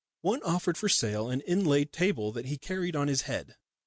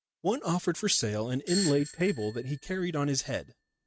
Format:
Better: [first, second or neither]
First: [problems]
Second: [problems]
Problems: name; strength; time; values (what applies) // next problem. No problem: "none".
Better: first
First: none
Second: noise reduction (neural mask model RNNoise)